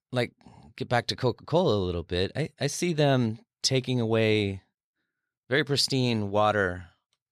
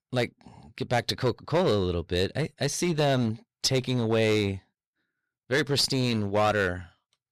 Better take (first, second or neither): first